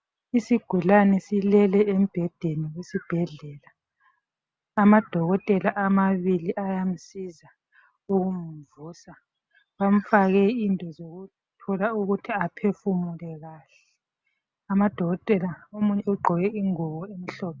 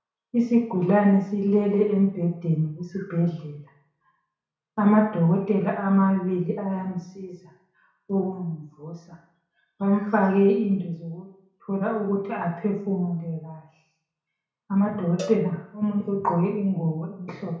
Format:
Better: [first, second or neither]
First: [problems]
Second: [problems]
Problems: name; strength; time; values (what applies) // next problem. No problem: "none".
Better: first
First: none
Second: background sound (Cowbell); 17 dB below the speech // room echo; dies away in 0.6 s